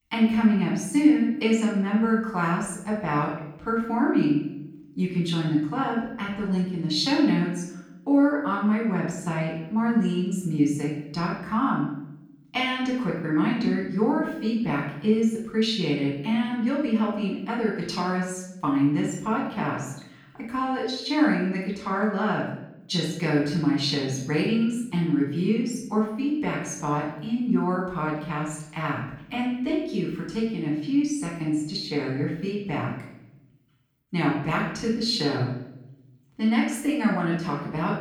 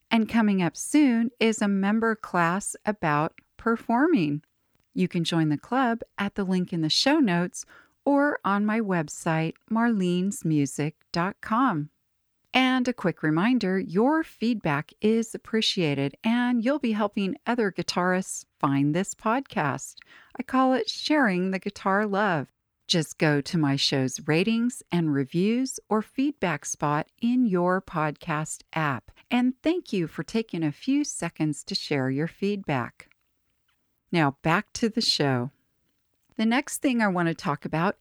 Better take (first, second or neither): second